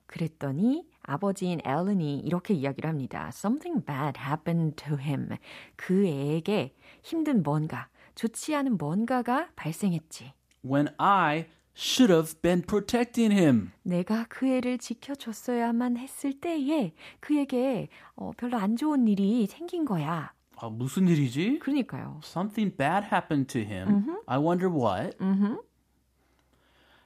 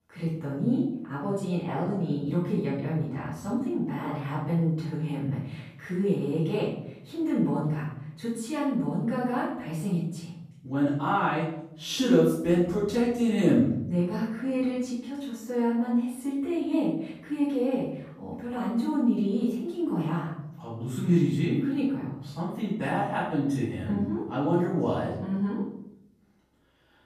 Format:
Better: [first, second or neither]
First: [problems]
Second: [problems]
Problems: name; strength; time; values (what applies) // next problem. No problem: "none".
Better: first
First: none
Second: off-mic speech; far // room echo; noticeable; dies away in 0.9 s